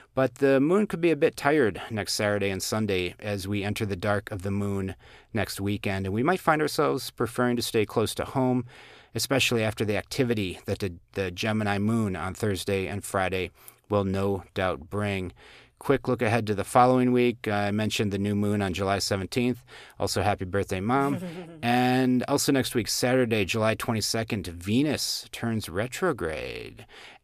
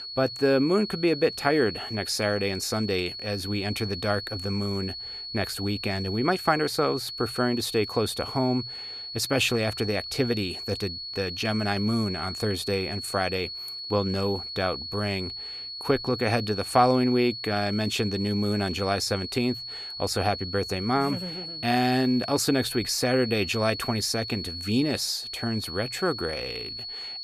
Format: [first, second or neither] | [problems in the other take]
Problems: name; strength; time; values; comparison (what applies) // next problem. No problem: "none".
first | high-pitched whine; loud; throughout; 4.5 kHz, 7 dB below the speech